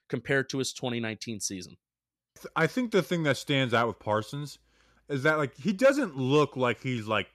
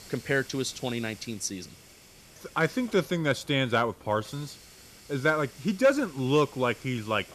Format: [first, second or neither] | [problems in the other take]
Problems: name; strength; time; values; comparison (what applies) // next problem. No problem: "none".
first | hiss; faint; throughout; 20 dB below the speech